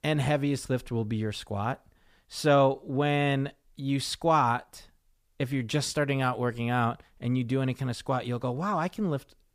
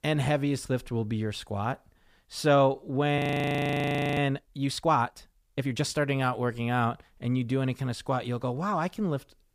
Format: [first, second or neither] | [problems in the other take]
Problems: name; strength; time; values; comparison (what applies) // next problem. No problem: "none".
first | audio freezing; at 3 s for 1 s